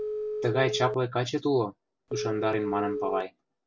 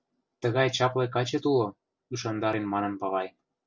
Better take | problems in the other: second | background sound (Telephone); 5 dB below the speech

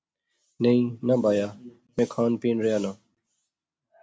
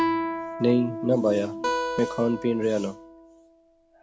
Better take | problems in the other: first | background sound (Guitar + Acoustic guitar); 5 dB below the speech

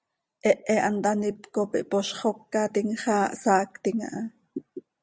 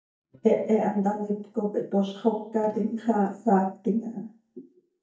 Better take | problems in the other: first | noise reduction (neural mask model DeepFilterNet 3)

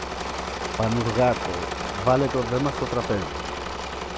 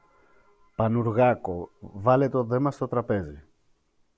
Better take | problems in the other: second | background sound (Engine / Mechanisms); 4 dB below the speech

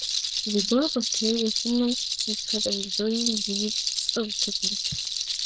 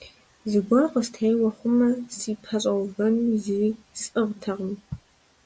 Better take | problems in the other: second | noise reduction (neural diffusion model UNIVERSE++)

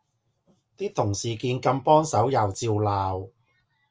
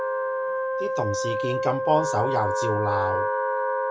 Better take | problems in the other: first | background sound (Wind instrument, woodwind instrument); 3 dB above the speech

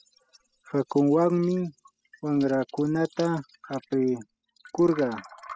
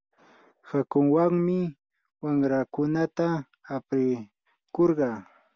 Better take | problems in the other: second | noise reduction (classical method spectral subtraction)

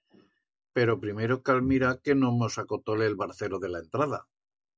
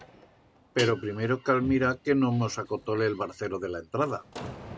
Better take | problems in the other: first | background sound (Slam + Guitar); 15 dB below the speech

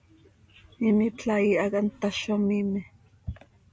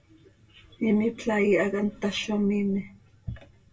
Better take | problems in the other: first | room echo; dies away in 0.1 s

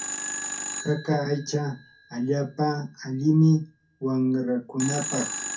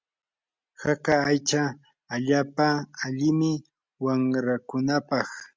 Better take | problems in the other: second | background sound (Telephone); 10 dB below the speech // room echo; dies away in 0.3 s

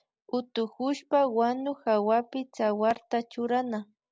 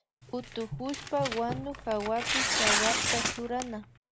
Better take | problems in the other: first | background sound (Tearing); 2 dB above the speech

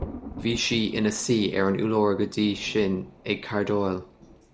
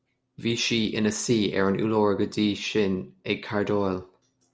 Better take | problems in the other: second | background sound (Thunder); 16 dB below the speech

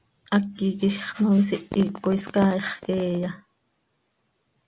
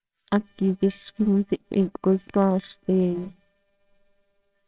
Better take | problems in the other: first | noise reduction (neural separator model SepFormer WHAMR!)

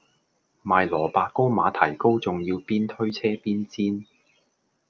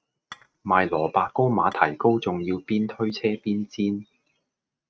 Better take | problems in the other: first | noise reduction (neural mask model RNNoise)

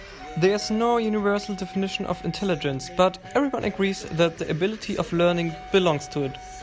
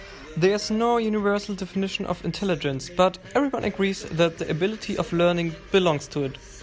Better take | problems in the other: second | background sound (Wind instrument, woodwind instrument); 18 dB below the speech

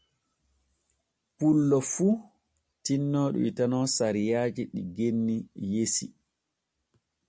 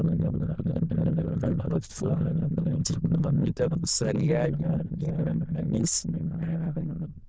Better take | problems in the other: first | noise reduction (neural diffusion model UNIVERSE++)

